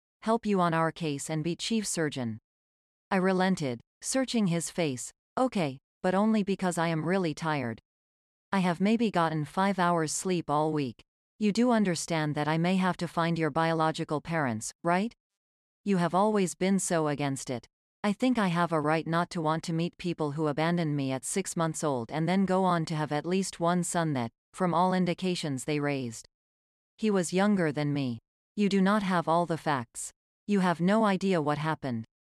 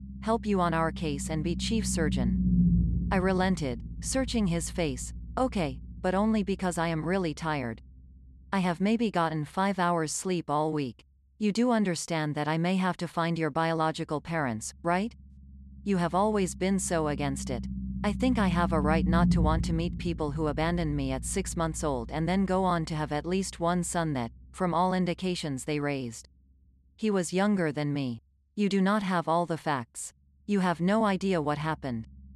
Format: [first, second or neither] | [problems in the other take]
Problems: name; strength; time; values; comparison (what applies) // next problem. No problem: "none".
first | low rumble; noticeable; throughout; 10 dB below the speech